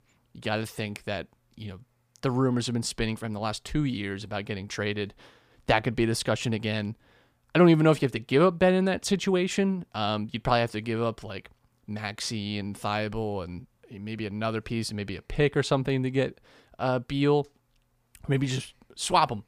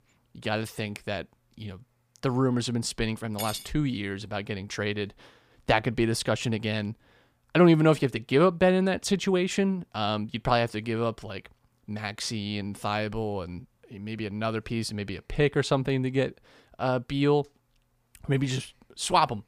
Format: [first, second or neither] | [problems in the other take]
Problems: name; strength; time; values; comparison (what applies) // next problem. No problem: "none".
first | clattering dishes; noticeable; at 3.5 s; peak 9 dB below the speech